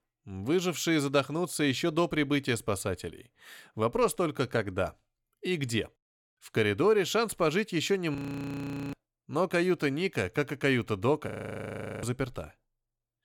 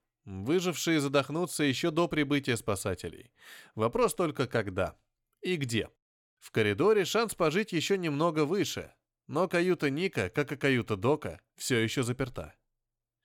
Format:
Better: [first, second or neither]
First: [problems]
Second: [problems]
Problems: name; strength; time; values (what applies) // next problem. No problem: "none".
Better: second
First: audio freezing; at 8 s for 1 s and at 11 s for 0.5 s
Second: none